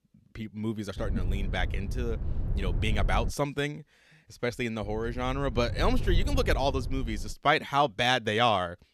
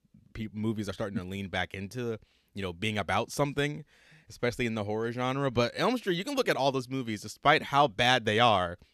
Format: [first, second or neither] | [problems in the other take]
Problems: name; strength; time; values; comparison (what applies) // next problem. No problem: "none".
second | wind noise on the microphone; occasional gusts; from 1 to 3.5 s and from 5 to 7.5 s; 20 dB below the speech